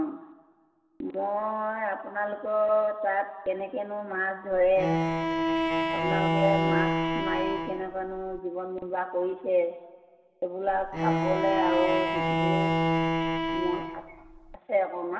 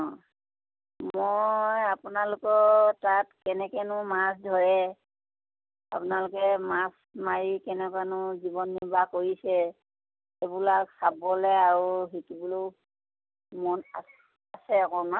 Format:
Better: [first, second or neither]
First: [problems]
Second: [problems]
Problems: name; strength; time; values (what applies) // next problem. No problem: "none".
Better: second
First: background sound (Bowed string instrument); 2 dB above the speech // room echo; dies away in 1.8 s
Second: none